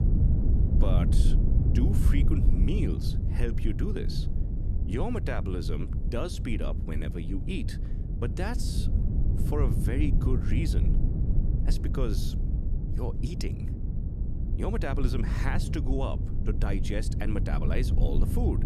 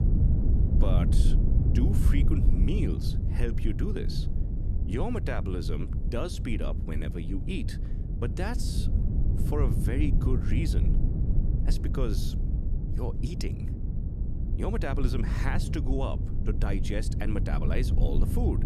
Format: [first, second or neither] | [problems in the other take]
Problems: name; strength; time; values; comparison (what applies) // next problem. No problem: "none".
neither | low rumble; loud; throughout; 5 dB below the speech; the same in both